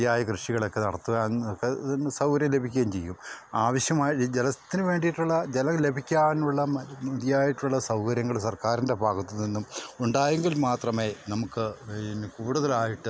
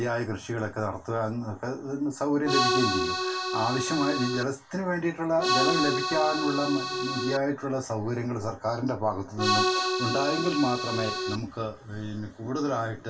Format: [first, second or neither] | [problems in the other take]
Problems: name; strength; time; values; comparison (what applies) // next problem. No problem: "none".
first | background sound (Accordion); 1 dB above the speech // room echo; dies away in 0.2 s